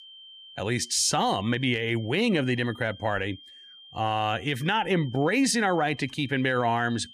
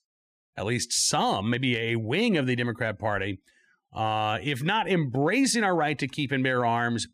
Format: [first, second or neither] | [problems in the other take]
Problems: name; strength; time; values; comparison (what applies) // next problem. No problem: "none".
second | high-pitched whine; faint; throughout; 3 kHz, 20 dB below the speech